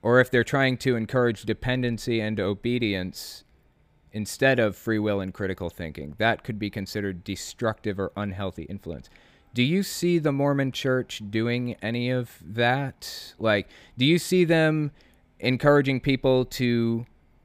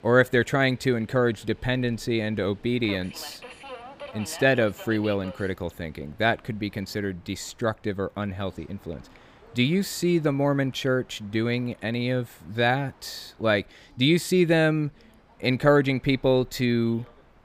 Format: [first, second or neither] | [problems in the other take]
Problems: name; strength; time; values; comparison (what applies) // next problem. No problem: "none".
first | train or aircraft noise; faint; throughout; 25 dB below the speech